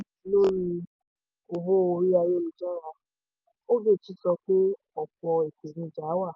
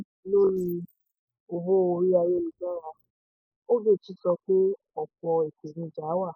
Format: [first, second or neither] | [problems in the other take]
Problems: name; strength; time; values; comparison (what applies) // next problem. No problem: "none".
first | noise reduction (neural mask model Resemble Enhance denoiser)